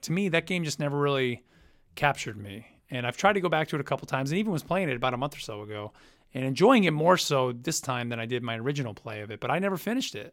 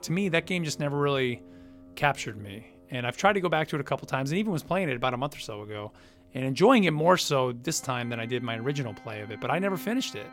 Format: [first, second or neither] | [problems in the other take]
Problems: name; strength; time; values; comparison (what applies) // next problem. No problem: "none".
first | background music; faint; throughout; 20 dB below the speech